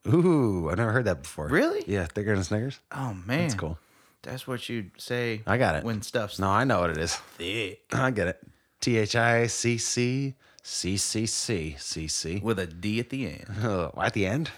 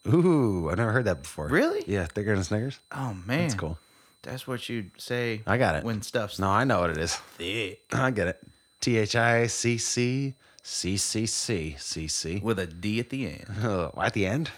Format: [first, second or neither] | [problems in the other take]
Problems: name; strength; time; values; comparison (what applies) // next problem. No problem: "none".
first | high-pitched whine; faint; throughout; 4 kHz, 35 dB below the speech